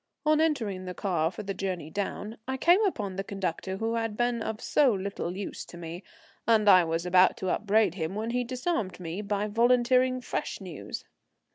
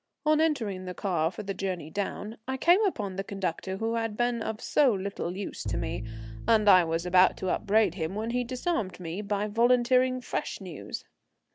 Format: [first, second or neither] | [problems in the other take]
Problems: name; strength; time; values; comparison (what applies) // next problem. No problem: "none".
first | background sound (Bowed string instrument); 9 dB below the speech